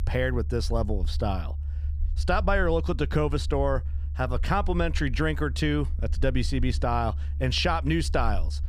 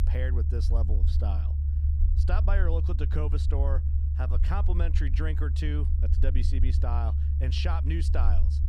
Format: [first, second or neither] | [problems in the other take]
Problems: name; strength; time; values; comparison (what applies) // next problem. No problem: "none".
first | low rumble; loud; throughout; 6 dB below the speech; faint in the first